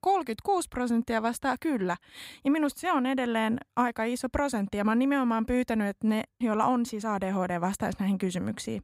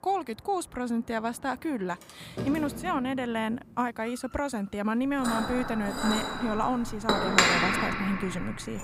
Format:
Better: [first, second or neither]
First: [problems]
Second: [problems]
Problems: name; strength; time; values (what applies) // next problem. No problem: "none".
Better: first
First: none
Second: household noises; very loud; throughout; 2 dB above the speech